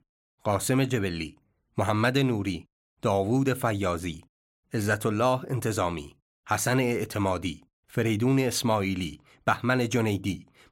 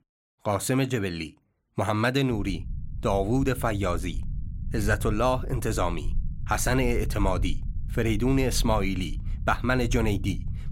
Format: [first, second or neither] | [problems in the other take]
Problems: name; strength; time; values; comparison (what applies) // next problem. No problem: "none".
first | low rumble; faint; from 2.5 s on; 20 dB below the speech